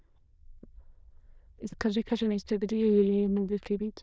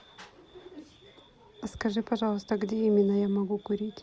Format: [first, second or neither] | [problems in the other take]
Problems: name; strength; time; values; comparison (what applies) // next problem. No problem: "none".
second | noise reduction (neural diffusion model UNIVERSE++)